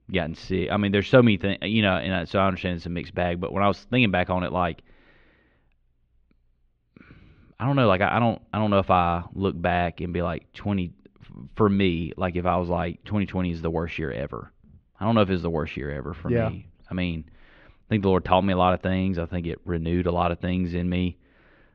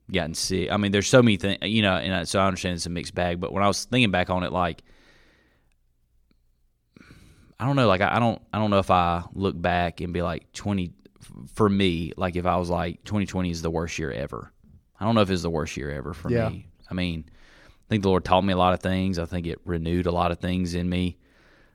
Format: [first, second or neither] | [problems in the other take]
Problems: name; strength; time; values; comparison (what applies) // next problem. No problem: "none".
second | muffled; very; fading above 3 kHz